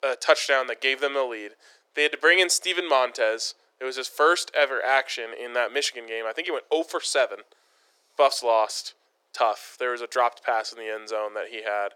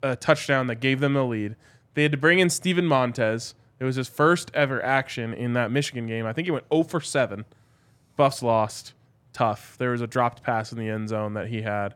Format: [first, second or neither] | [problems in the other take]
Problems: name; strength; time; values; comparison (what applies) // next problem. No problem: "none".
second | thin; very; fading below 400 Hz